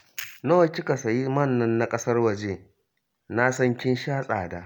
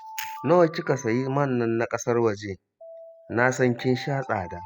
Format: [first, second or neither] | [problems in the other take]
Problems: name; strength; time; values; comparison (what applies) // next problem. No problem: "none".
first | noise reduction (classical method spectral subtraction)